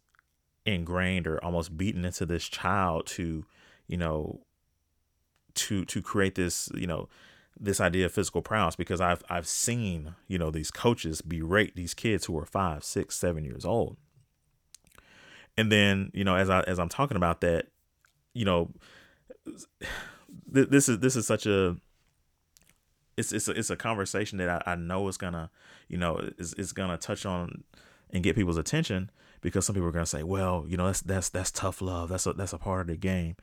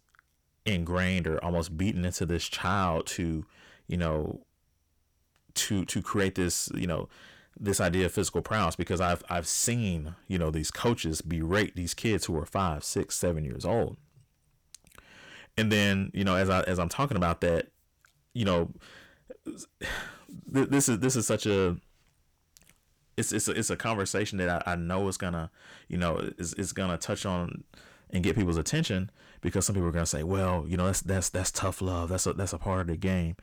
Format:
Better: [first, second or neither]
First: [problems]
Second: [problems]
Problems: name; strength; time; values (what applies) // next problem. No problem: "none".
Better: first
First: none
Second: distortion; slight; 10 dB below the speech